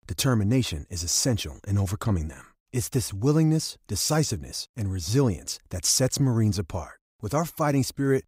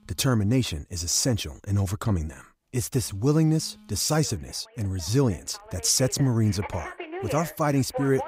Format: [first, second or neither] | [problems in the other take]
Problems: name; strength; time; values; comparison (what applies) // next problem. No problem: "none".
first | alarms or sirens; noticeable; throughout; 15 dB below the speech